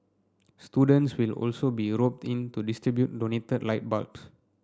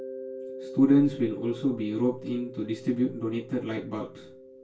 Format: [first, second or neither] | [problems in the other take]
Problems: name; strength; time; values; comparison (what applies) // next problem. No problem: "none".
first | background sound (Mallet percussion); 14 dB below the speech // room echo; dies away in 0.2 s